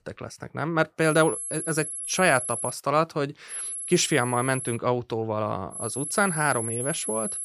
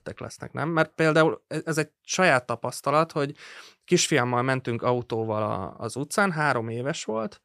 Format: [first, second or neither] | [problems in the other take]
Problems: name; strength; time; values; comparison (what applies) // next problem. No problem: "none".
second | high-pitched whine; loud; from 1 to 2.5 s, from 3.5 to 5 s and from 5.5 s on; 11 kHz, 5 dB below the speech